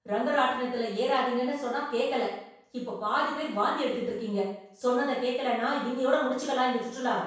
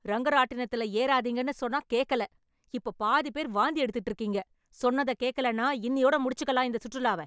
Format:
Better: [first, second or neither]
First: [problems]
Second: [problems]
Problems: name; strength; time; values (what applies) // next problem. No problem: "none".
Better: second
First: room echo; dies away in 0.7 s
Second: none